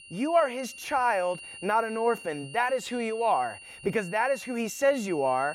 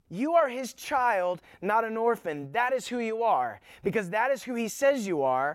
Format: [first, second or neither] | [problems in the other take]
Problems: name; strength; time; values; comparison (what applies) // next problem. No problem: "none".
second | high-pitched whine; noticeable; throughout; 3 kHz, 15 dB below the speech